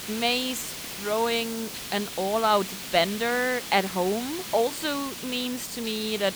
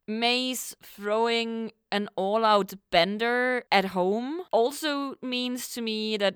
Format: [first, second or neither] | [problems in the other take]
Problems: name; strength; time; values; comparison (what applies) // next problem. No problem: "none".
second | hiss; loud; throughout; 8 dB below the speech